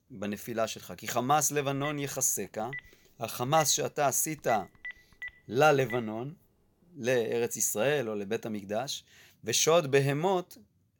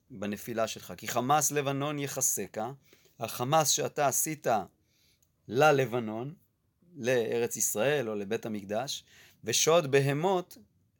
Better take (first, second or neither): second